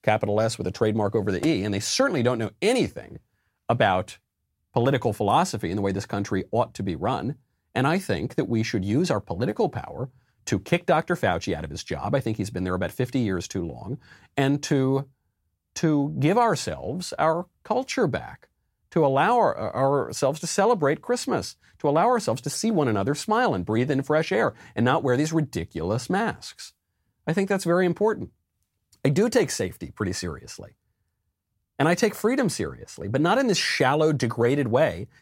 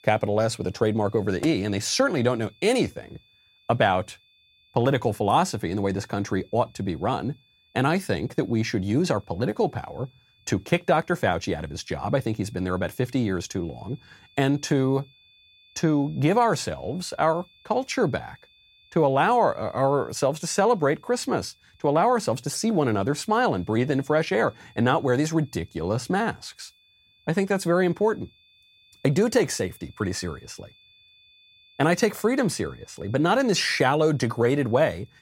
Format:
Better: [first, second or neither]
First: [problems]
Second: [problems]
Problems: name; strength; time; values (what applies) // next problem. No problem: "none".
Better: first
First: none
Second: high-pitched whine; faint; throughout; 3.5 kHz, 30 dB below the speech